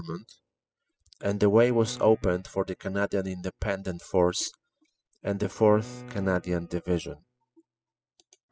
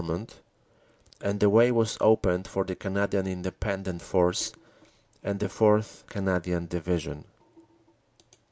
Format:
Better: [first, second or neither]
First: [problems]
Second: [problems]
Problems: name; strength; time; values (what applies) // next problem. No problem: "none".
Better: second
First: noise reduction (classical method spectral subtraction)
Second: none